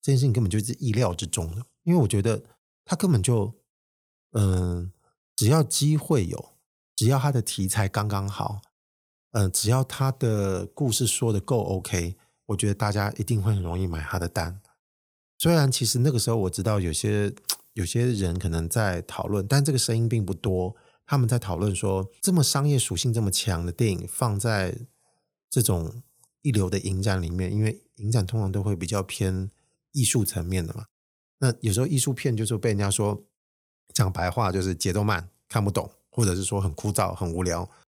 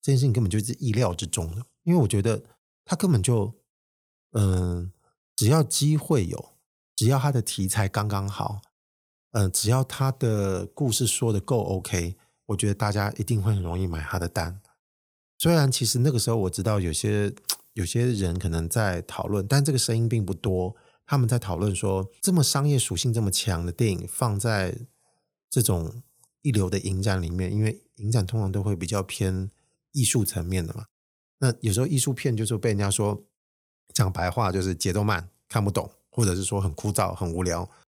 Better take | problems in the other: neither | none

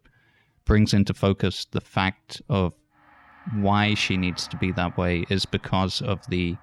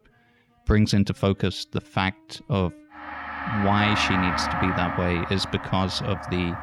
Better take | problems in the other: first | background music; loud; throughout; 4 dB below the speech; faint in the first

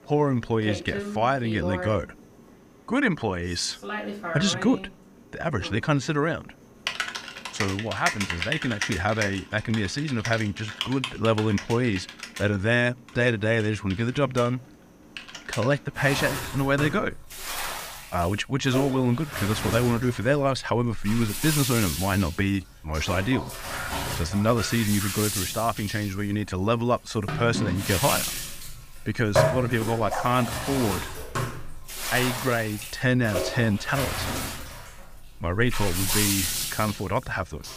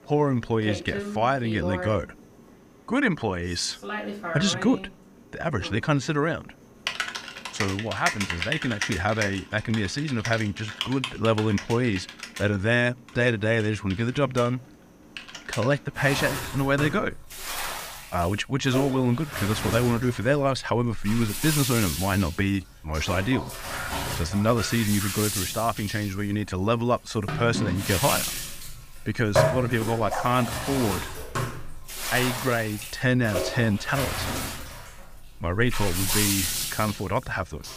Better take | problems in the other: neither | household noises; loud; throughout; 5 dB below the speech; the same in both

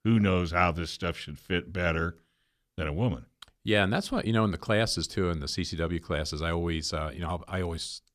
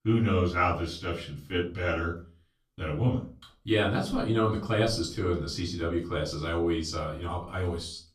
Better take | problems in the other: first | off-mic speech; far // room echo; slight; dies away in 0.3 s

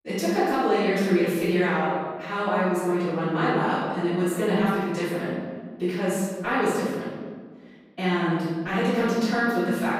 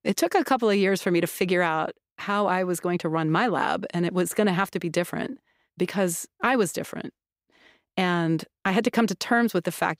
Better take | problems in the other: second | off-mic speech; far // room echo; strong; dies away in 1.4 s

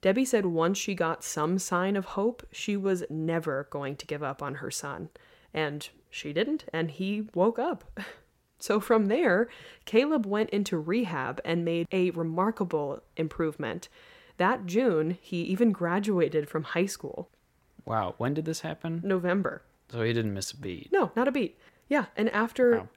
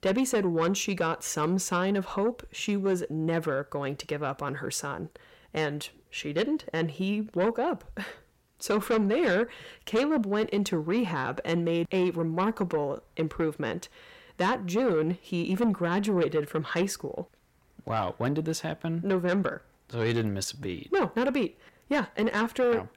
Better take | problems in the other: first | distortion; slight; 10 dB below the speech

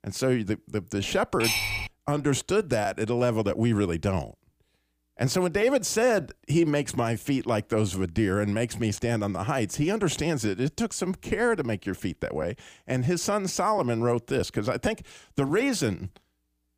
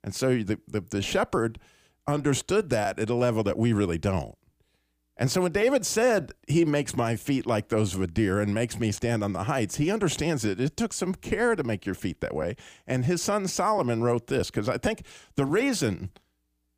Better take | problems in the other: second | clattering dishes; loud; at 1.5 s; peak 2 dB above the speech

